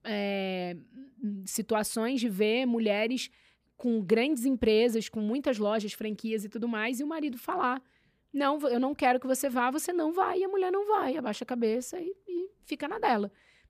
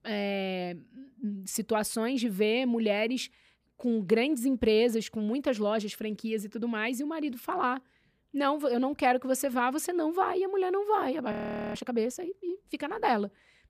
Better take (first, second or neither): first